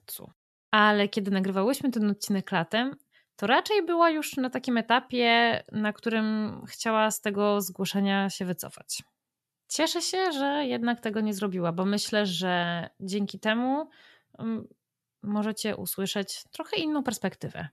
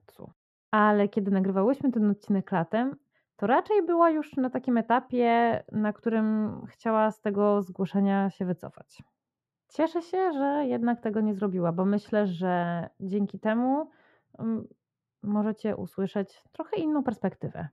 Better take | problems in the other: first | muffled; very; fading above 2.5 kHz

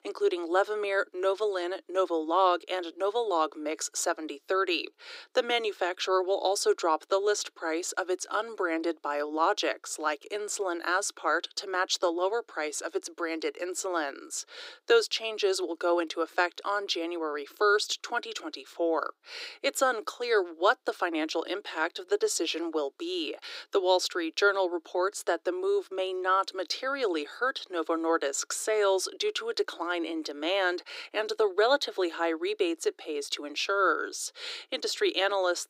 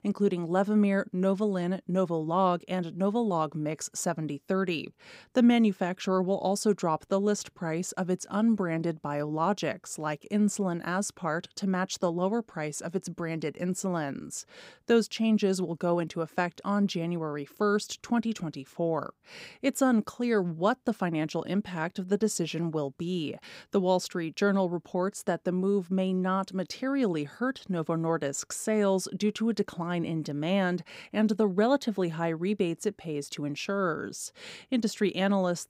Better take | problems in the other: second | thin; very; fading below 300 Hz

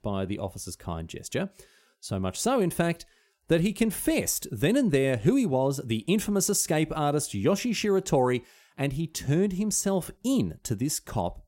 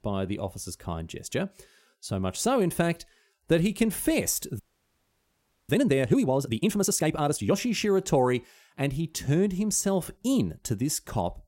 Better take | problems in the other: first | audio freezing; at 4.5 s for 1 s

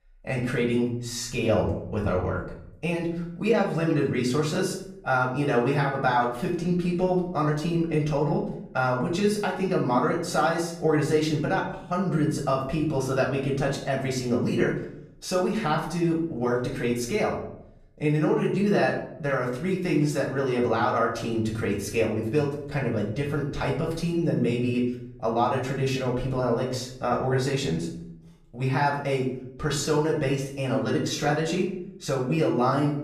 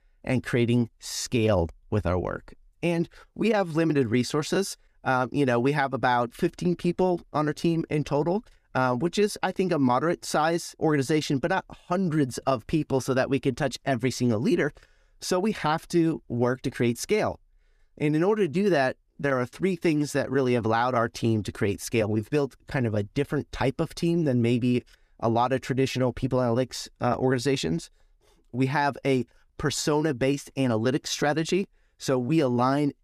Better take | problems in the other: second | room echo; slight; dies away in 0.6 s // off-mic speech; far

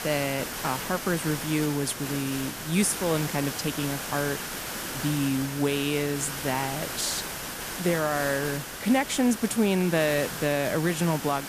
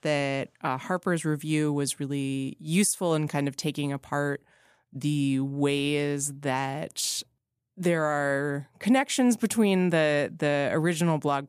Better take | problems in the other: second | hiss; loud; throughout; 6 dB below the speech

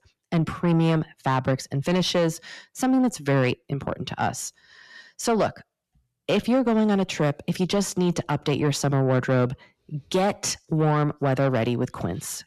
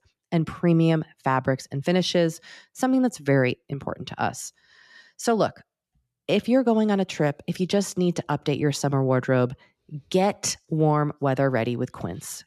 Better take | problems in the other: second | distortion; slight; 10 dB below the speech

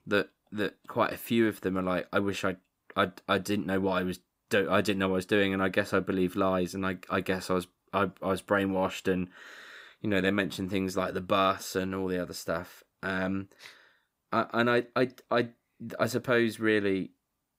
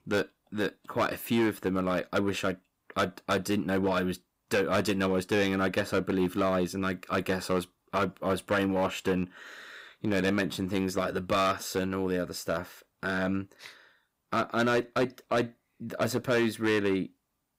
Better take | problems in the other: first | distortion; slight; 5% of the sound clipped

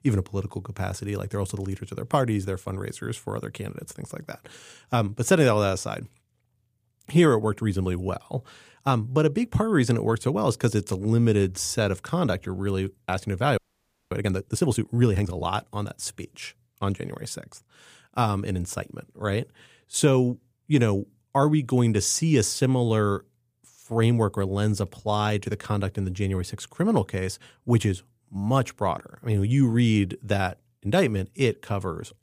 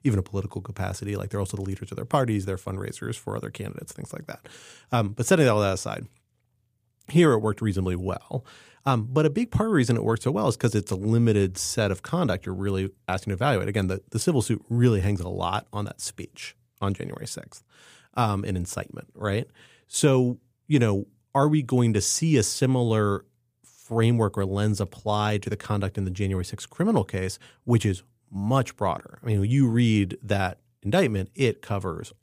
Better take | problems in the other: second | audio freezing; at 14 s for 0.5 s

